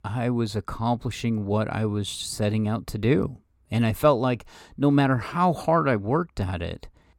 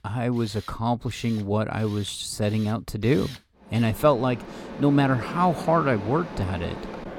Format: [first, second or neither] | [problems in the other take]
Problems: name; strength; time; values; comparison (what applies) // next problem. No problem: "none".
first | machinery noise; noticeable; throughout; 15 dB below the speech